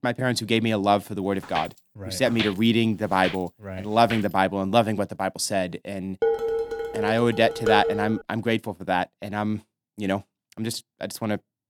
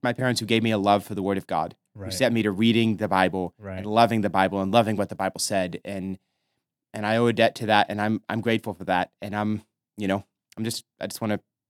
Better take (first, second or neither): second